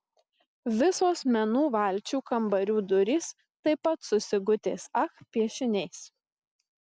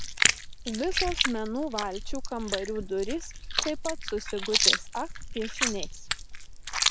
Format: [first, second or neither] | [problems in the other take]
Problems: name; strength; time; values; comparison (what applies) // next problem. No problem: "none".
first | background sound (Chewing, mastication); 4 dB above the speech